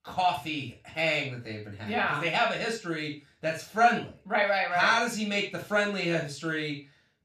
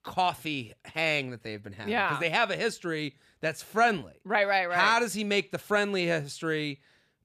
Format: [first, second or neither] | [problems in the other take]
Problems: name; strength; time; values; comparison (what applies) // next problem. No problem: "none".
second | room echo; slight; dies away in 0.3 s // off-mic speech; far